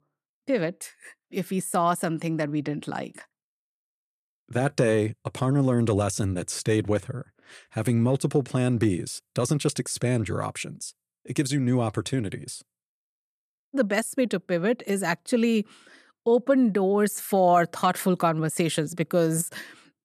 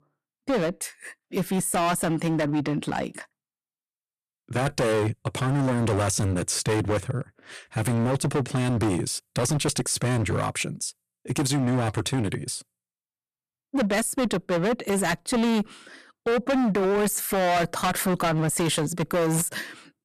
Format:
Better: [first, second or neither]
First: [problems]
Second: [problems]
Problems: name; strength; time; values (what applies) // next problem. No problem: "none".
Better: first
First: none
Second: distortion; heavy; 19% of the sound clipped